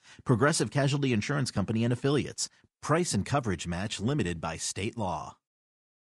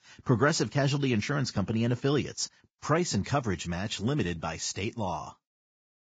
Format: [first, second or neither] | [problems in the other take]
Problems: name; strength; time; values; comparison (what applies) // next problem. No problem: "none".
first | garbled, watery; badly; nothing above 7.5 kHz; slightly in the first